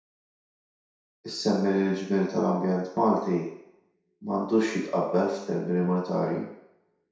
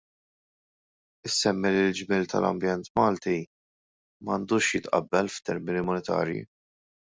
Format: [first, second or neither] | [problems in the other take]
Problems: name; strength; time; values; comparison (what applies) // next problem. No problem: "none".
second | room echo; dies away in 0.7 s